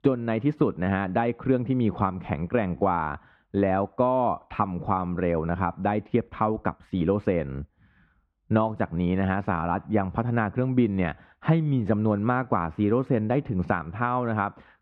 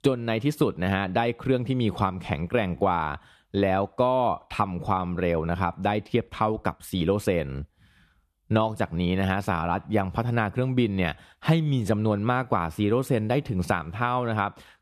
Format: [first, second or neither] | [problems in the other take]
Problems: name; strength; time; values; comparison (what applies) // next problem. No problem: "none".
second | muffled; very; fading above 1.5 kHz